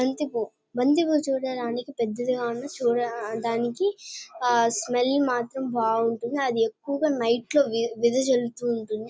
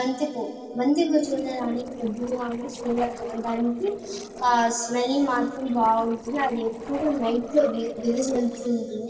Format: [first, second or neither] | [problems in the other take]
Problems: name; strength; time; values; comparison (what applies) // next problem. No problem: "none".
first | noise reduction (neural separator model SepFormer DNS4)